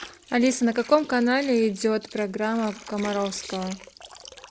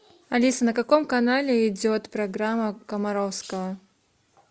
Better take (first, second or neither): second